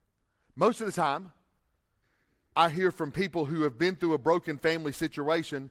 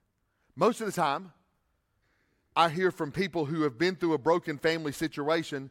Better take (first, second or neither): second